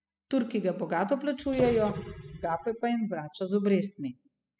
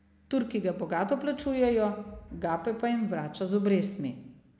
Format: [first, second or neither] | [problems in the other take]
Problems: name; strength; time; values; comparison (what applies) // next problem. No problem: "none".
second | noise reduction (classical method spectral subtraction)